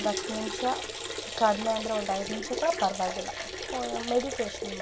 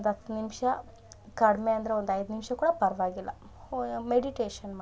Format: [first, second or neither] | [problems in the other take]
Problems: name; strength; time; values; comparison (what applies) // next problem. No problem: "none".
second | background sound (Liquid); 5 dB below the speech